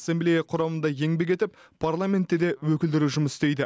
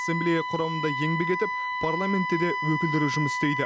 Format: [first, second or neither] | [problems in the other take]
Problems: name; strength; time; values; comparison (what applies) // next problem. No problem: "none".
first | background sound (Wind instrument, woodwind instrument); 2 dB below the speech